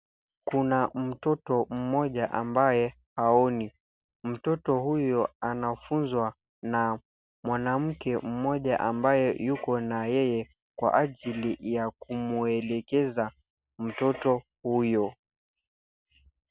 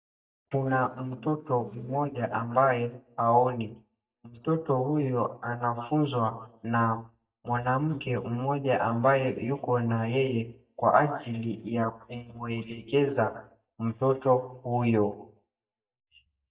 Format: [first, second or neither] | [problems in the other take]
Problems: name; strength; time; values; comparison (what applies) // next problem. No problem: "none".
first | noise reduction (neural mask model DeepFilterNet 3)